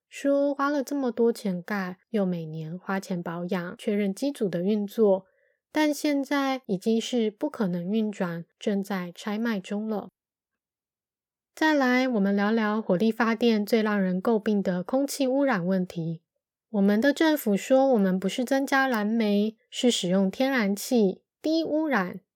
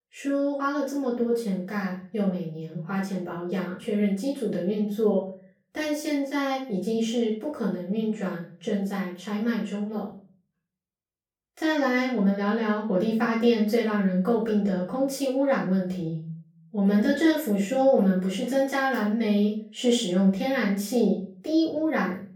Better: first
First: none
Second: off-mic speech; far // room echo; noticeable; dies away in 0.4 s

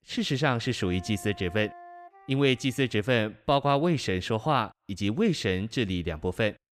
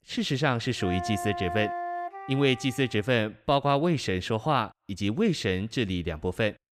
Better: first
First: background music; faint; until 2.5 s; 20 dB below the speech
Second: background music; loud; until 2.5 s; 8 dB below the speech

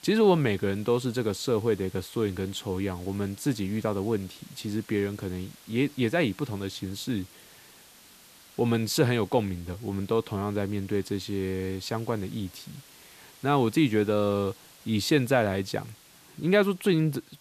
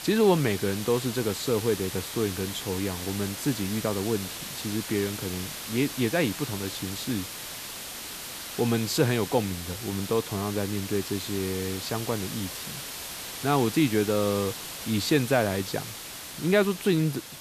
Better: first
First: hiss; faint; throughout; 25 dB below the speech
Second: hiss; loud; throughout; 7 dB below the speech

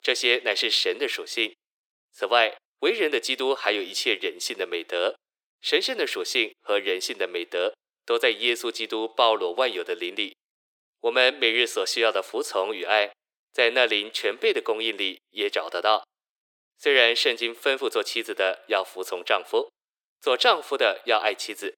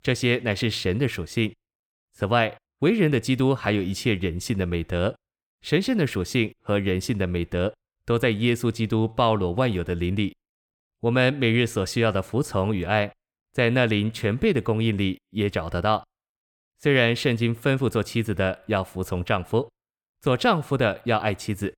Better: second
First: thin; very; fading below 350 Hz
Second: none

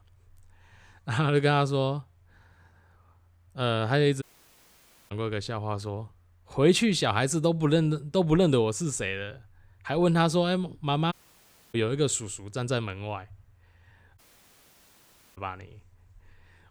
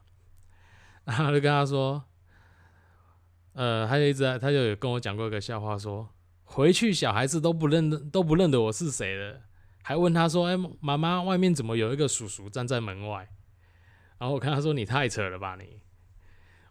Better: second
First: audio cutting out; at 4 s for 1 s, at 11 s for 0.5 s and at 14 s for 1 s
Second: none

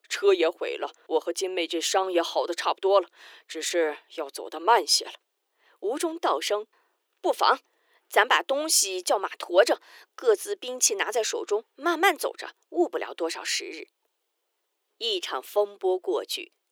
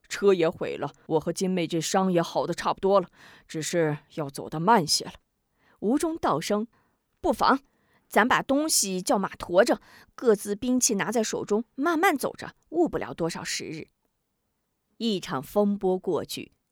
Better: second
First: thin; very; fading below 350 Hz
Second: none

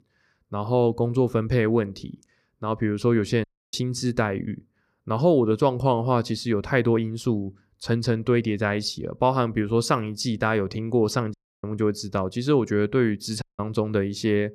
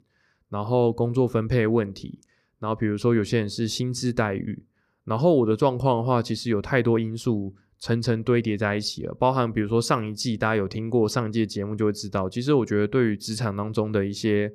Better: second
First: audio cutting out; at 3.5 s, at 11 s and at 13 s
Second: none

